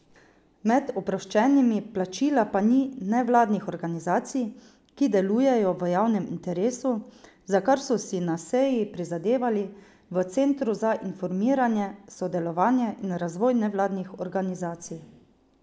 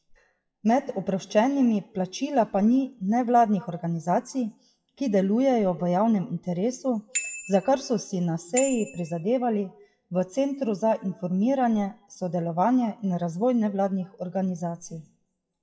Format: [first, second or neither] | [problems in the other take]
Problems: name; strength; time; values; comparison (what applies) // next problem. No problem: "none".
first | noise reduction (classical method WPE with log-MMSE)